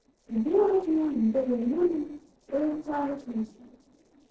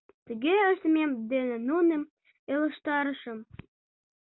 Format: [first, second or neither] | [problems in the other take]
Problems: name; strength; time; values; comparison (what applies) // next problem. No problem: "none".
second | noise reduction (neural separator model SepFormer DNS4)